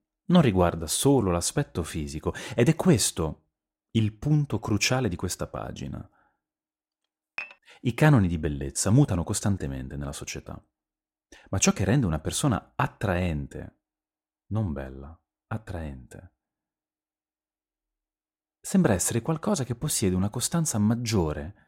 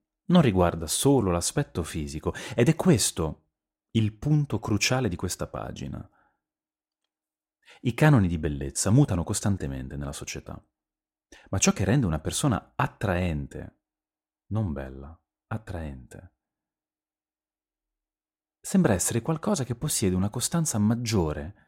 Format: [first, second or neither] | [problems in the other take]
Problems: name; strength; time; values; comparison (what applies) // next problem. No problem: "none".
second | clattering dishes; faint; at 7.5 s; peak 10 dB below the speech